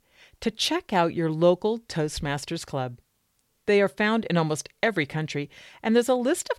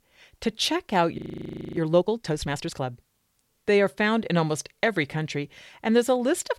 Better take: first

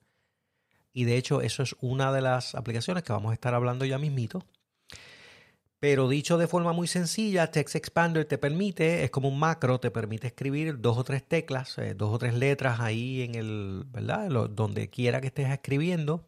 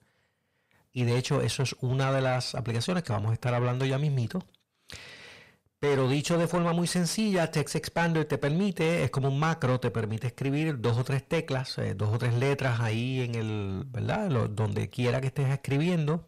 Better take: first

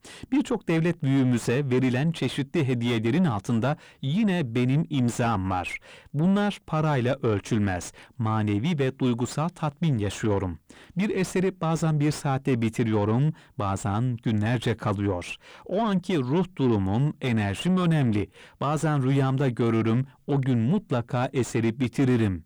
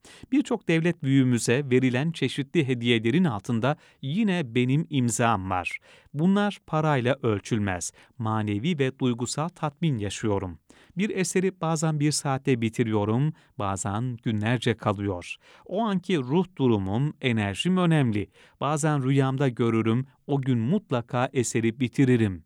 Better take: second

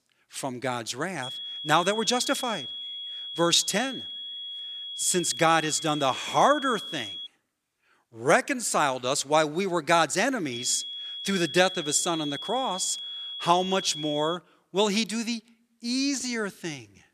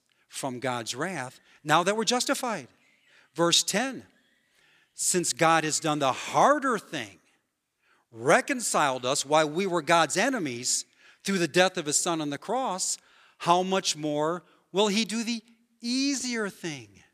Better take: second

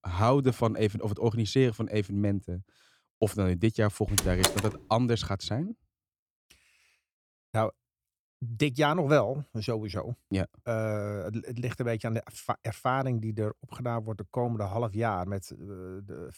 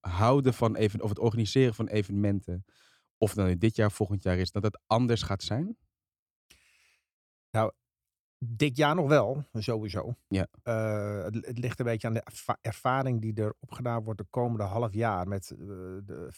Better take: second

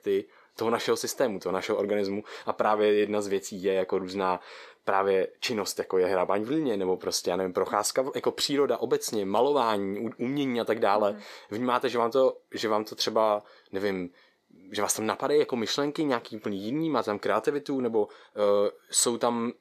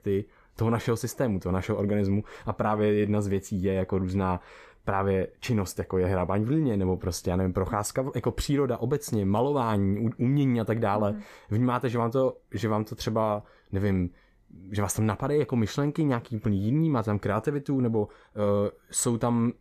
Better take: second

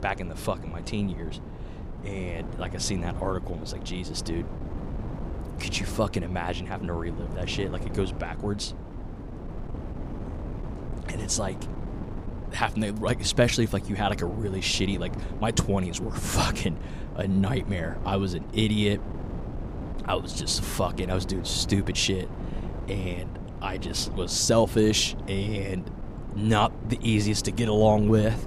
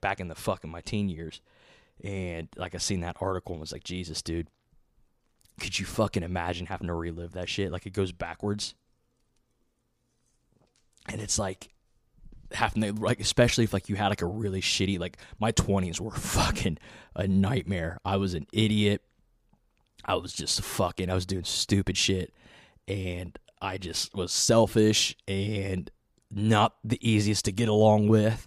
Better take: second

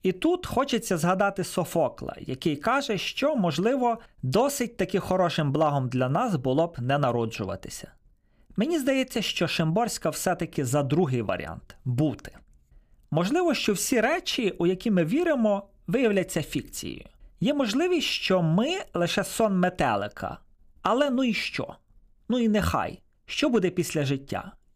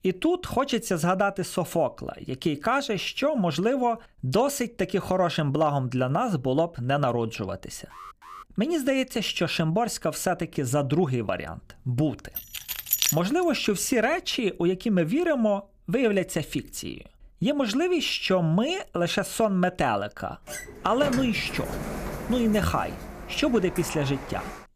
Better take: first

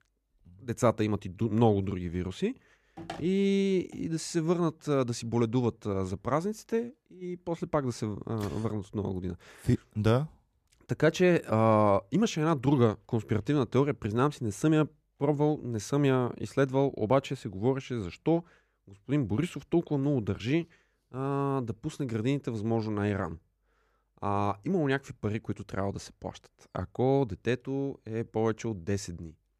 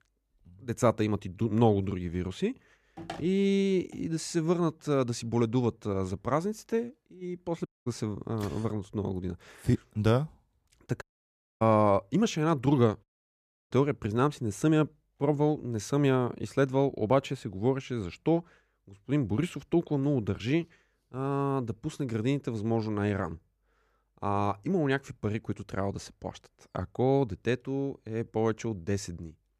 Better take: first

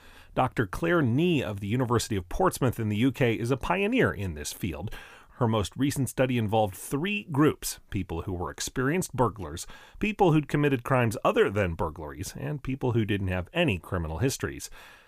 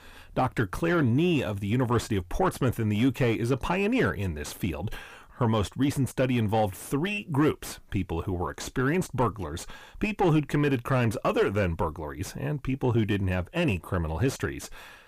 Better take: first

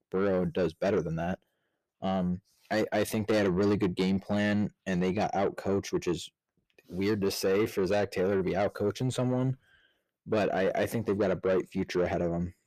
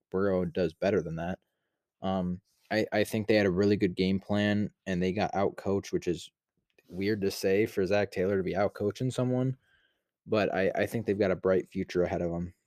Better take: second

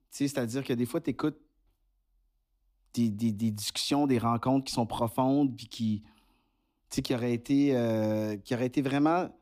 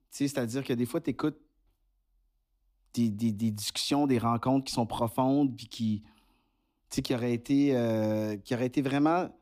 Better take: neither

